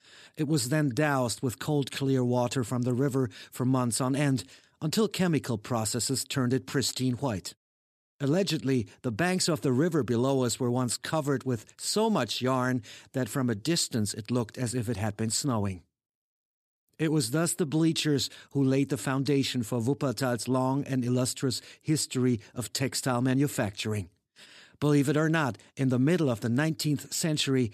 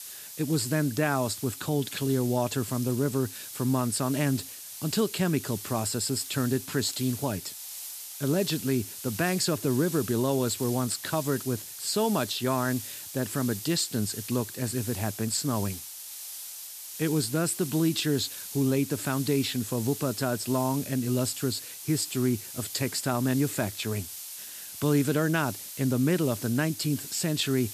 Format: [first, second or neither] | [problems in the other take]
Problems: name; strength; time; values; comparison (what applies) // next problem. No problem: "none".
first | hiss; loud; throughout; 9 dB below the speech